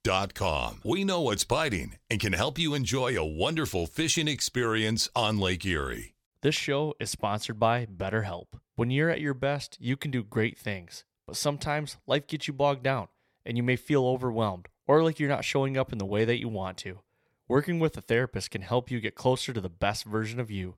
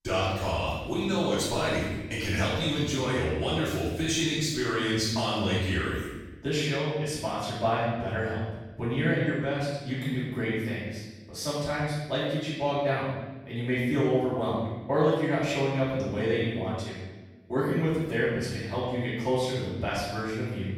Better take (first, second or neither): first